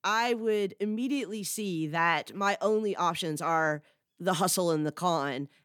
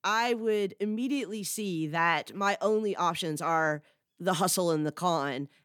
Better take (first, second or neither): neither